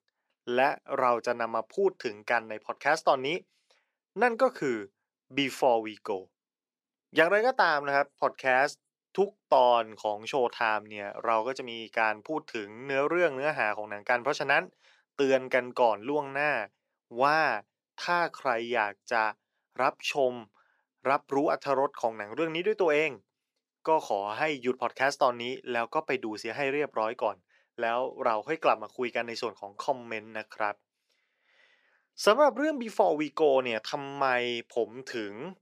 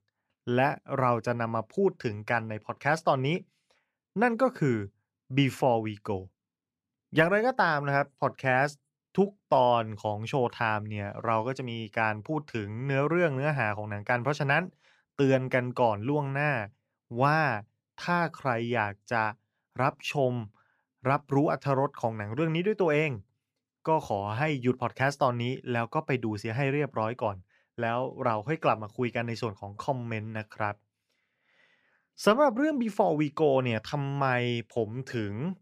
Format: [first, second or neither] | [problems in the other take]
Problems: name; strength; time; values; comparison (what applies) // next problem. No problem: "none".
second | thin; somewhat; fading below 400 Hz